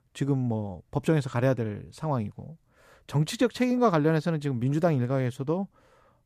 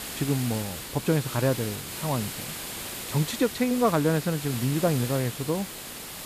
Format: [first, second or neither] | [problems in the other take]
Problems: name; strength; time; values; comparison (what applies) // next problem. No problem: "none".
first | hiss; loud; throughout; 7 dB below the speech